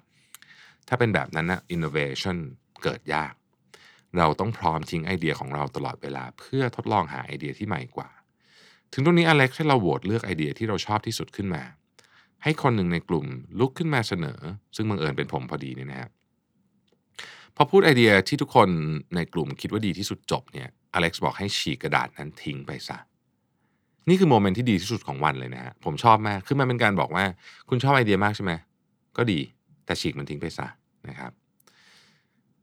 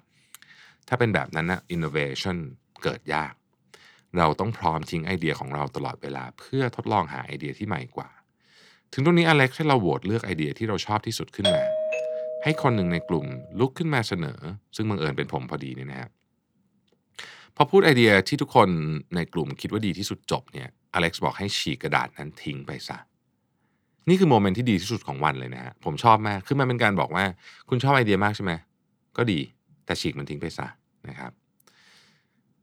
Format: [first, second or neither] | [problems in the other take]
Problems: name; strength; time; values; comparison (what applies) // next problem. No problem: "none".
first | doorbell; loud; from 11 to 13 s; peak 2 dB above the speech